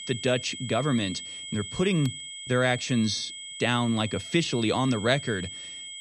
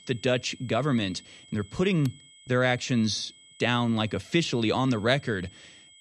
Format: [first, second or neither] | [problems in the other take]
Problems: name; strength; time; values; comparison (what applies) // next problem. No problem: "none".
second | high-pitched whine; loud; throughout; 3 kHz, 10 dB below the speech; faint in the second